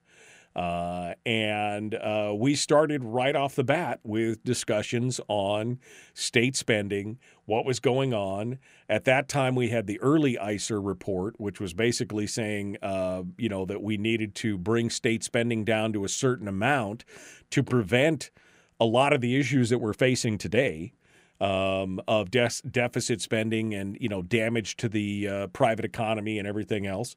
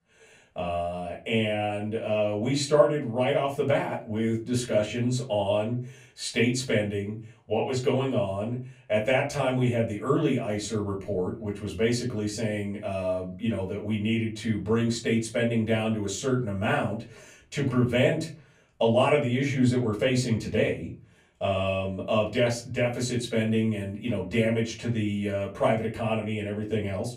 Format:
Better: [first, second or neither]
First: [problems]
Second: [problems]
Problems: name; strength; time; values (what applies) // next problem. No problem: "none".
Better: first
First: none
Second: off-mic speech; far // room echo; very slight; dies away in 0.3 s